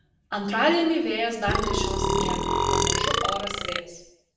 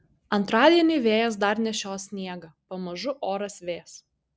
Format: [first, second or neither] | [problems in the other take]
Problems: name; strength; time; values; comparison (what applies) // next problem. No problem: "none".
second | background sound (Burping, eructation); 3 dB above the speech // room echo; dies away in 0.7 s